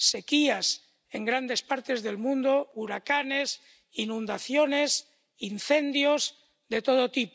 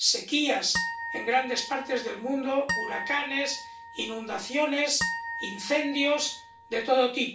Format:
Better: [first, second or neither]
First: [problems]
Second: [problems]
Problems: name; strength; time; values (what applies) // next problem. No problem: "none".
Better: first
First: none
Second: background sound (Harp); 8 dB below the speech // room echo; dies away in 0.3 s